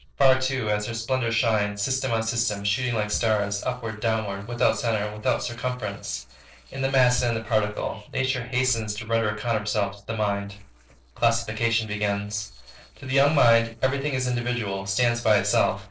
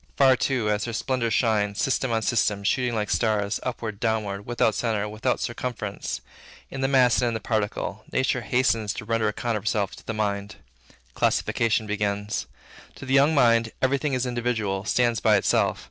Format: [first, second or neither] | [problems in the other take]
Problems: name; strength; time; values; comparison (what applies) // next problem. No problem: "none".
second | noise reduction (neural separator model SepFormer DNS4)